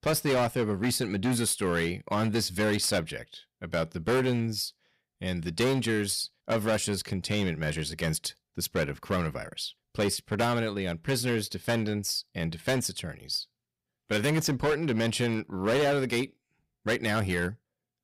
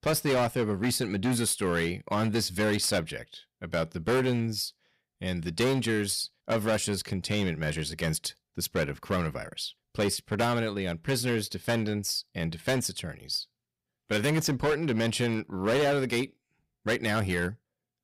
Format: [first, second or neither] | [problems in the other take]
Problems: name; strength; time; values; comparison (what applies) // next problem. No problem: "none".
neither | distortion; heavy; 10% of the sound clipped; the same in both